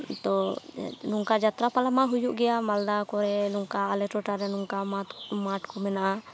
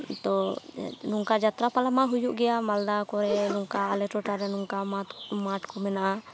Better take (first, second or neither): first